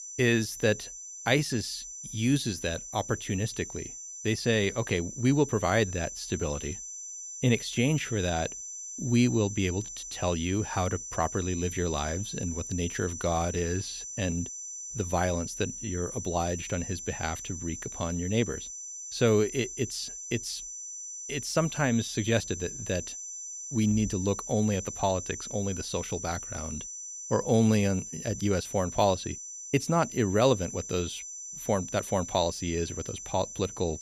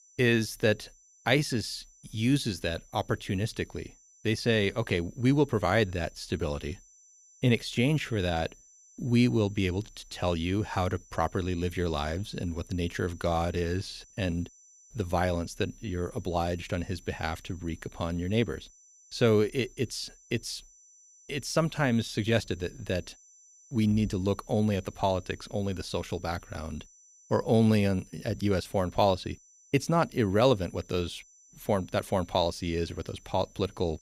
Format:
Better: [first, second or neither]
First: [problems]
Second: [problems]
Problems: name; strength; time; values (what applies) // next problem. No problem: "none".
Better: second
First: high-pitched whine; loud; throughout; 6 kHz, 8 dB below the speech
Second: high-pitched whine; faint; throughout; 6 kHz, 25 dB below the speech